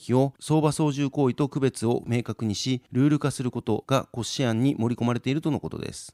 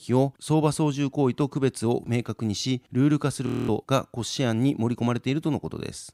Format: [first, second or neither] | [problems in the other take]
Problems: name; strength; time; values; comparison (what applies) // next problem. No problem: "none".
first | audio freezing; at 3.5 s